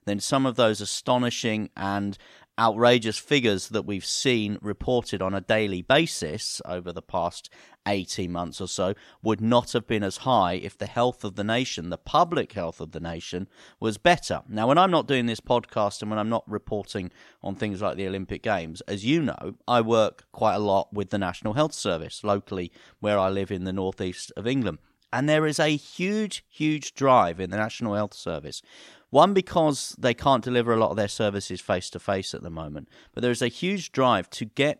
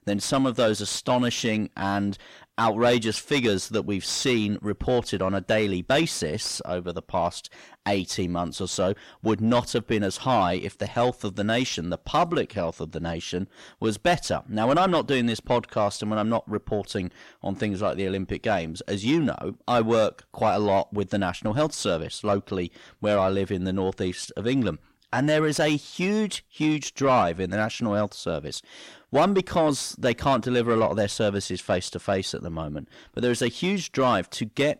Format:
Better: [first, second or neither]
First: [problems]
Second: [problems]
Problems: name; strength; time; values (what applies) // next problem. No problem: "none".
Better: first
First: none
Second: distortion; slight; 10 dB below the speech